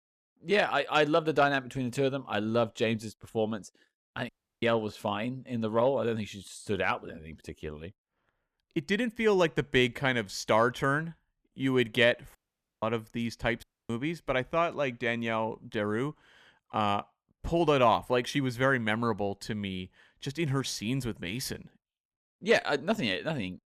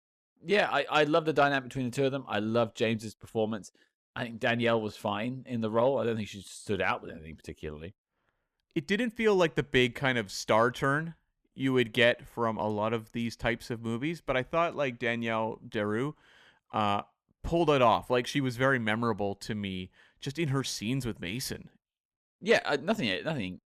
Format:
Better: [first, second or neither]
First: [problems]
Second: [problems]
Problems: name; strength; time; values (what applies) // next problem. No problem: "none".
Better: second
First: audio cutting out; at 4.5 s, at 12 s and at 14 s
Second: none